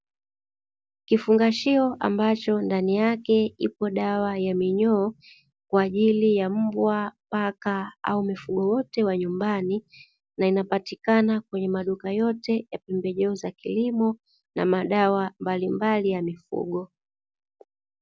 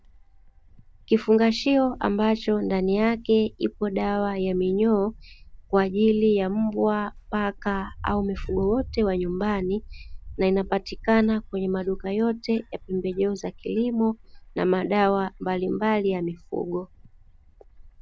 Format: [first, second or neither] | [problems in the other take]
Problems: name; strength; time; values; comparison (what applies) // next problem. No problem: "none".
first | background sound (Wind); 17 dB below the speech